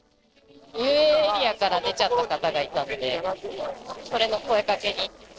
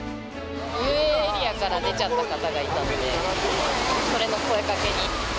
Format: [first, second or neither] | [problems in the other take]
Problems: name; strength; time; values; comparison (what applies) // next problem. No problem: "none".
second | noise reduction (neural separator model SepFormer DNS4)